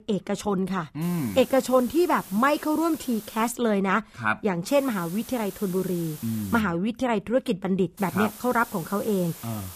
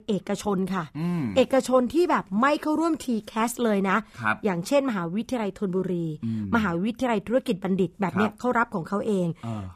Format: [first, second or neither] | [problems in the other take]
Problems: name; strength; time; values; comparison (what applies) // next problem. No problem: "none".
second | hiss; noticeable; from 1 to 3.5 s, from 4.5 to 6.5 s and from 8 s on; 15 dB below the speech